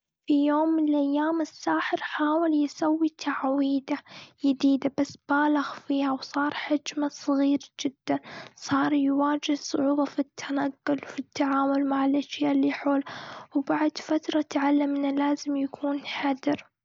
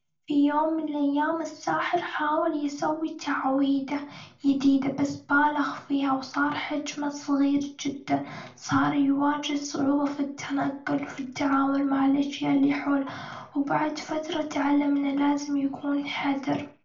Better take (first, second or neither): first